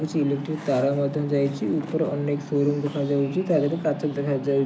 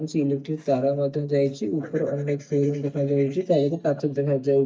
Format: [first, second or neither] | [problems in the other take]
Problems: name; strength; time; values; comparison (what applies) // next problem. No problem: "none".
first | noise reduction (neural mask model DeepFilterNet 3)